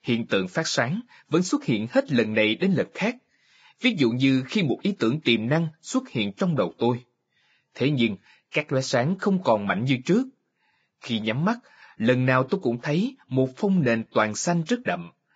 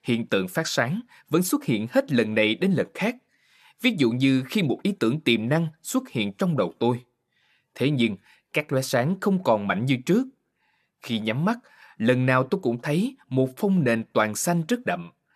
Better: second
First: garbled, watery; badly; nothing above 7.5 kHz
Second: none

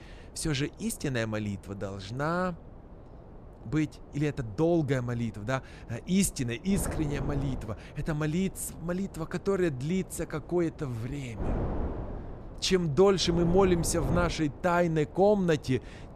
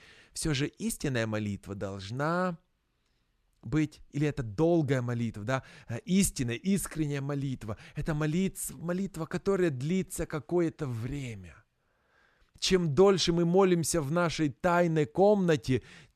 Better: second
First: wind noise on the microphone; occasional gusts; 15 dB below the speech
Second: none

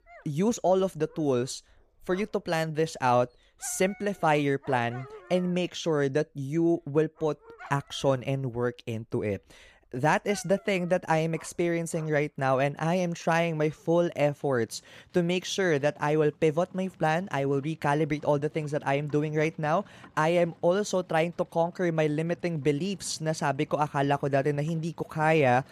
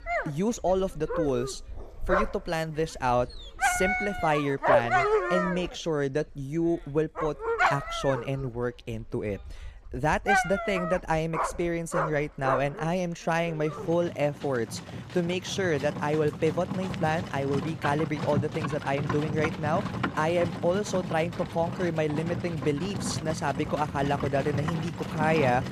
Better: first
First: animal sounds; faint; throughout; 25 dB below the speech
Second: animal sounds; loud; throughout; 2 dB below the speech

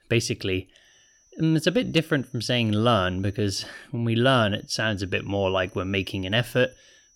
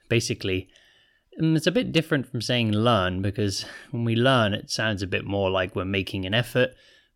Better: second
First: high-pitched whine; faint; from 1 to 3.5 s and from 4.5 s on; 6 kHz, 35 dB below the speech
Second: none

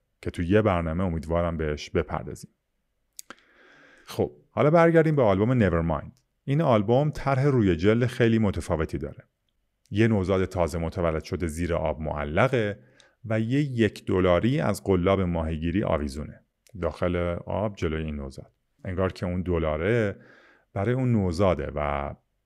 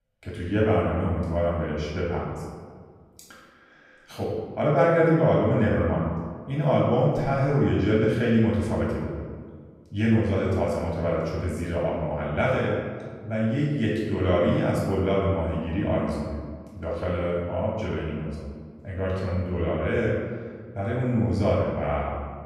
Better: first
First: none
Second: off-mic speech; far // room echo; noticeable; dies away in 1.4 s

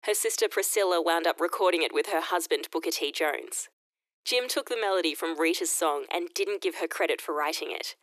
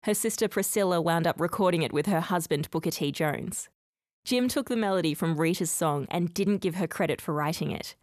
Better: second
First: thin; very; fading below 350 Hz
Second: none

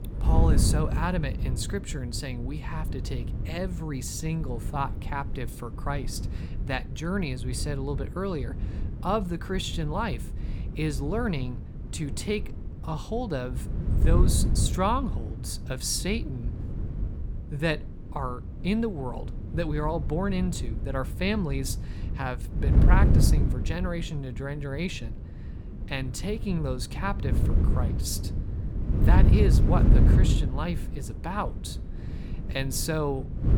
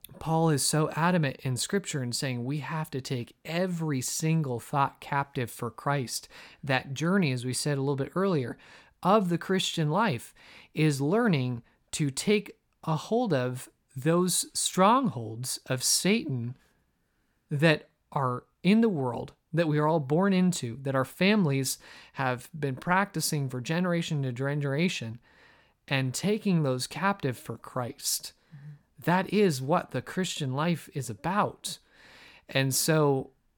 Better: second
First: wind noise on the microphone; heavy; 9 dB below the speech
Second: none

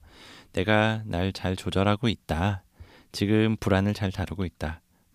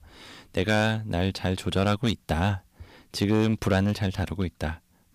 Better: first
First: none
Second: distortion; slight; 5% of the sound clipped

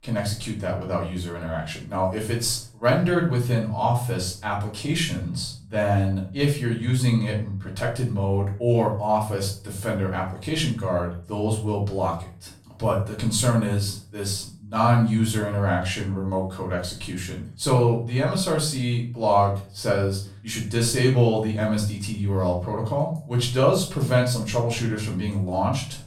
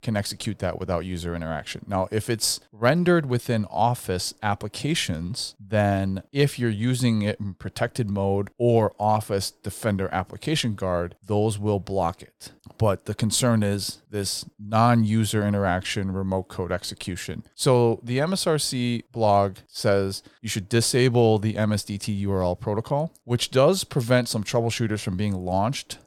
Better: second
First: room echo; slight; dies away in 0.4 s // off-mic speech; far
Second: none

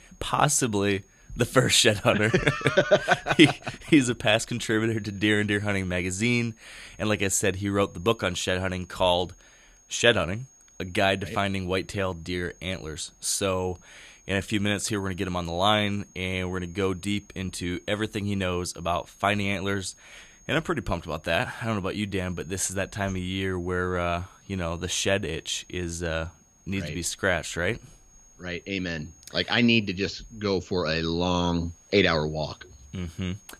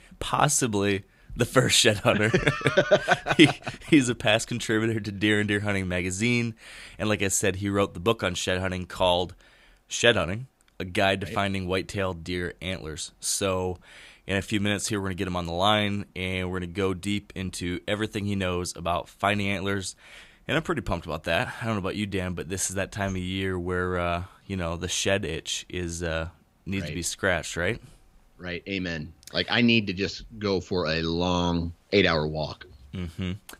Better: second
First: high-pitched whine; faint; throughout; 6.5 kHz, 30 dB below the speech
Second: none

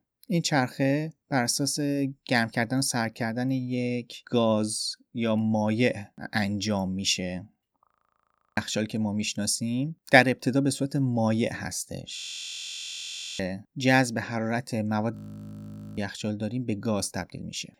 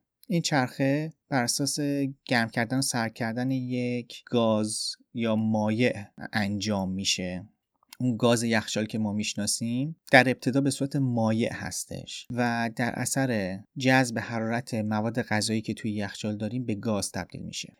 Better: second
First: audio freezing; at 8 s for 0.5 s, at 12 s for 1 s and at 15 s for 1 s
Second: none

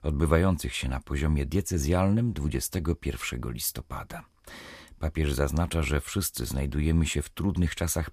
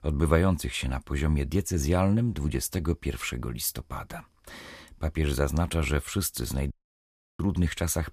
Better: first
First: none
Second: audio cutting out; at 6.5 s for 0.5 s

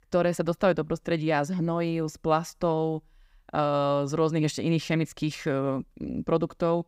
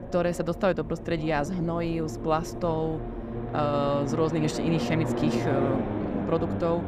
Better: first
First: none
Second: low rumble; loud; throughout; 6 dB below the speech

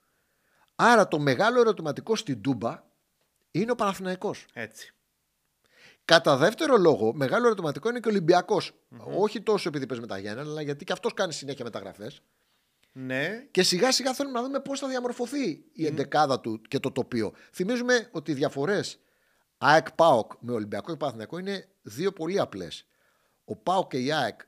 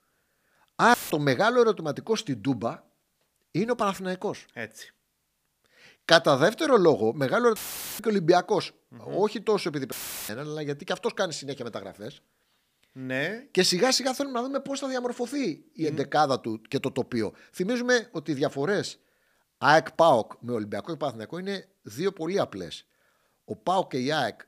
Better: first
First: none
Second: audio cutting out; filled with static; at 1 s, at 7.5 s and at 10 s

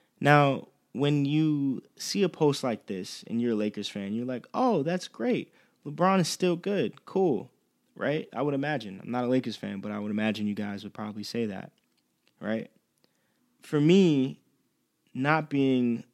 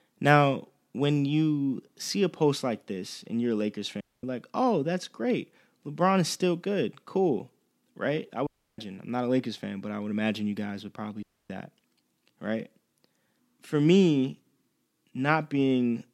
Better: first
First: none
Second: audio cutting out; at 4 s, at 8.5 s and at 11 s

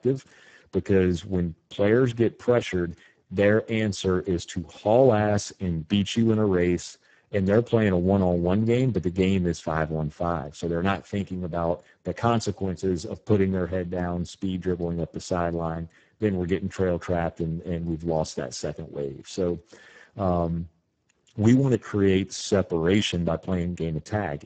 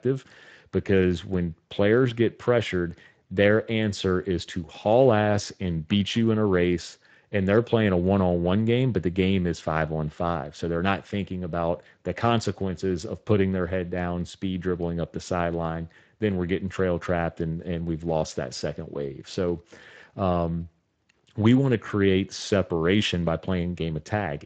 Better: second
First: garbled, watery; badly; nothing above 8 kHz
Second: garbled, watery; slightly; nothing above 8 kHz

